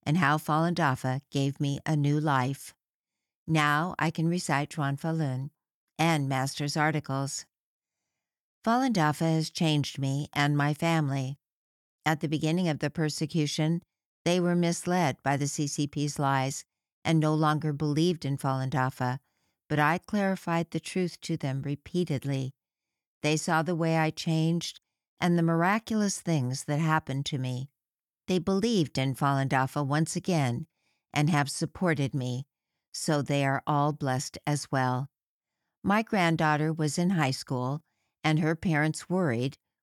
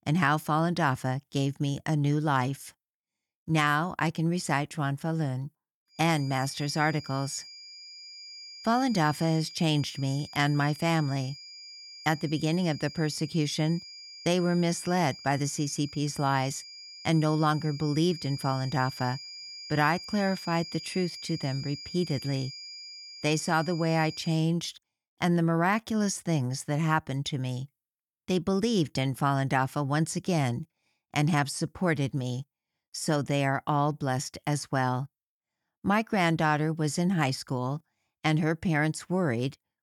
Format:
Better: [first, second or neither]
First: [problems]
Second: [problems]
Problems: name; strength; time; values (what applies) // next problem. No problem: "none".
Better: first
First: none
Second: high-pitched whine; noticeable; from 6 to 24 s; 5 kHz, 15 dB below the speech